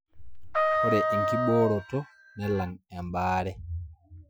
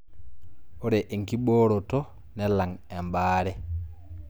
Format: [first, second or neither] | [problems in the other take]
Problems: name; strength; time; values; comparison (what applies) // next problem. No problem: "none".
second | noise reduction (classical method Wiener filter)